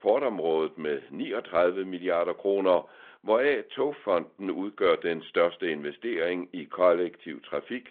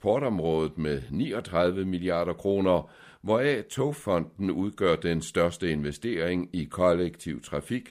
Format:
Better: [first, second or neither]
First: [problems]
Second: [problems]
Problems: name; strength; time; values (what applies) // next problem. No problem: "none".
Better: second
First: phone-call audio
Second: none